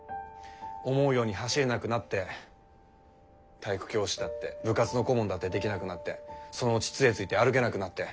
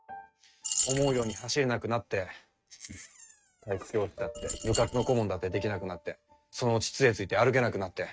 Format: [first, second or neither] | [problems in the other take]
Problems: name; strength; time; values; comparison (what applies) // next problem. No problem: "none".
first | noise reduction (neural mask model RNNoise)